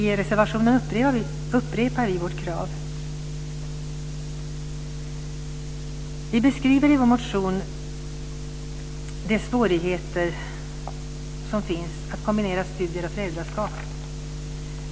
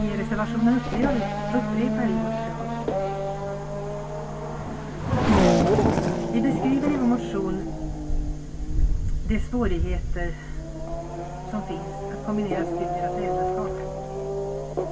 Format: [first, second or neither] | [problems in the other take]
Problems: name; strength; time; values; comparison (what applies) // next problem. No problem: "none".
first | background sound (Race car, auto racing / Accelerating, revving, vroom); 3 dB above the speech // room echo; dies away in 0.1 s